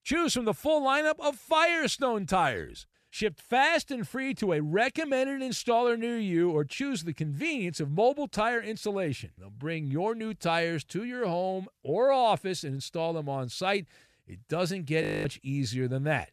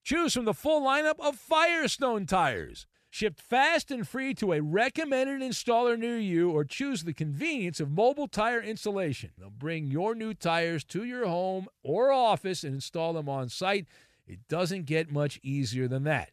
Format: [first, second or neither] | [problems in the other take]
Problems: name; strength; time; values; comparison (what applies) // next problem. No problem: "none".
second | audio freezing; at 15 s